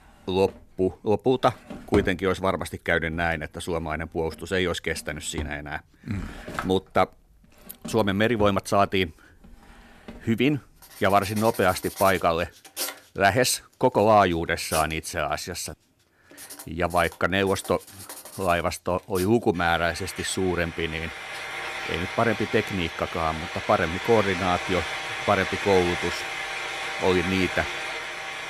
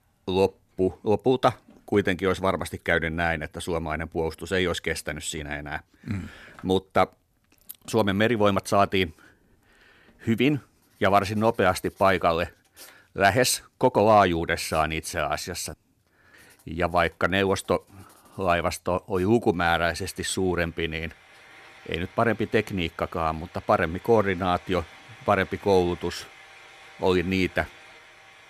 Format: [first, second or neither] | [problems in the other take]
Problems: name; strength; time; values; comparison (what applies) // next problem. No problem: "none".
second | household noises; loud; throughout; 8 dB below the speech; faint in the second